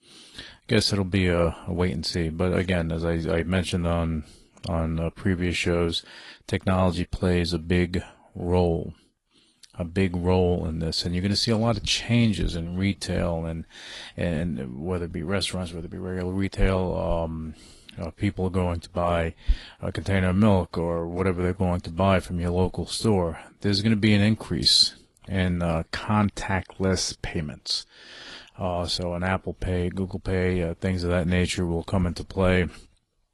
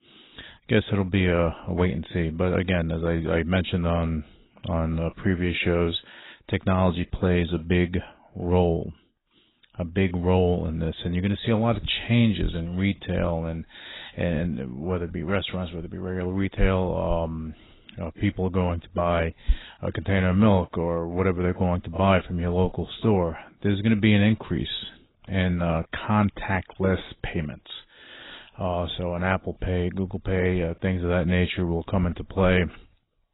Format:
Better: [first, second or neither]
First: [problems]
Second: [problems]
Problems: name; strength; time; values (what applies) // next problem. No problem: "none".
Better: first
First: garbled, watery; slightly; nothing above 11.5 kHz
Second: garbled, watery; badly; nothing above 4 kHz